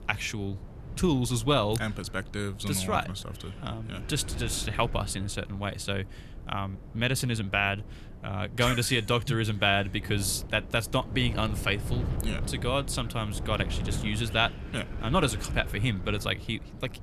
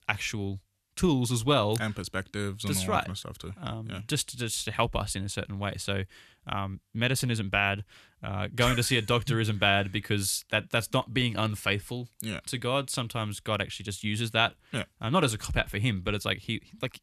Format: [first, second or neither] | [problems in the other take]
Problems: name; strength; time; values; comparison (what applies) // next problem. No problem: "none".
second | wind noise on the microphone; occasional gusts; 15 dB below the speech